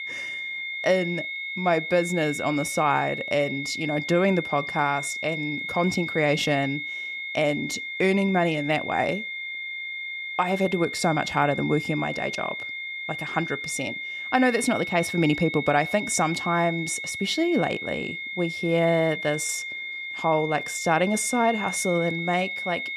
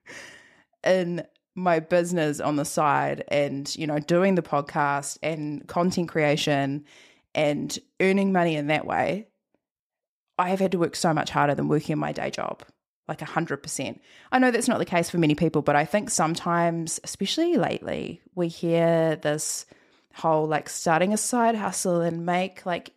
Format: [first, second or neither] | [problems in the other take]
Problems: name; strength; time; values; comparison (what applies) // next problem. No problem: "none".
second | high-pitched whine; loud; throughout; 2 kHz, 5 dB below the speech